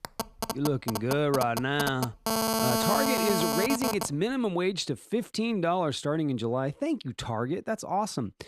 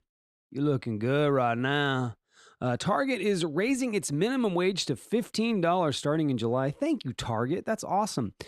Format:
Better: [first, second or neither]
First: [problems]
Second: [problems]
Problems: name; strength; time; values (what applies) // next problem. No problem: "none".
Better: second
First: phone ringing; loud; until 4 s; peak 3 dB above the speech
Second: none